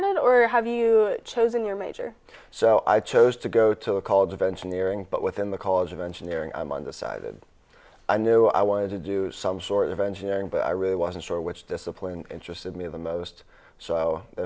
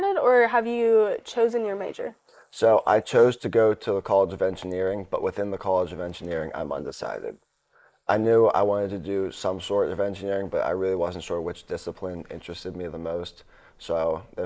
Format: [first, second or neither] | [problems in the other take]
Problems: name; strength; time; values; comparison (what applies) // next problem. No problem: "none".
first | noise reduction (neural mask model Resemble Enhance denoiser)